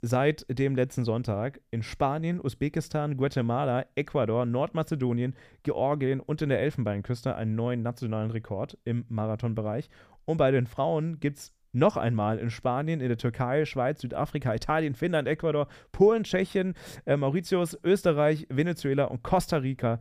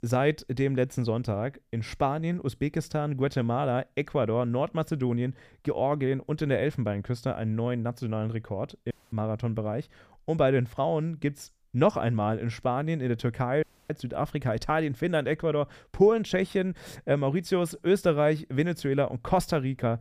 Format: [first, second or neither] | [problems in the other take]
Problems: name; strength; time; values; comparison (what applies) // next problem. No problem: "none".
first | audio cutting out; at 9 s and at 14 s